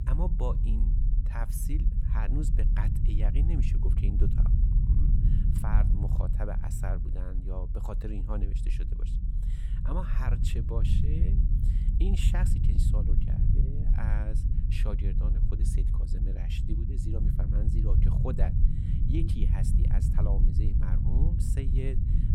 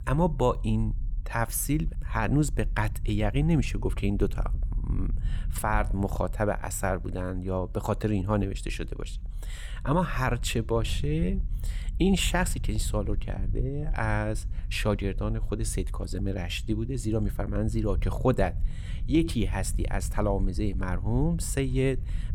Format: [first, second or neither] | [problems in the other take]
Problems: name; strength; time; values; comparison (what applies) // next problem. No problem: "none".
second | low rumble; loud; throughout; 2 dB below the speech; faint in the second